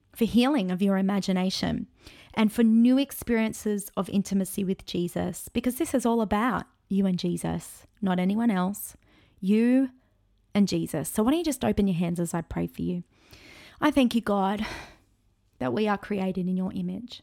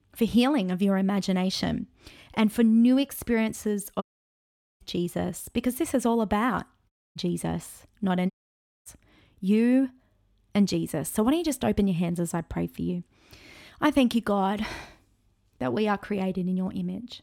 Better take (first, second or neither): first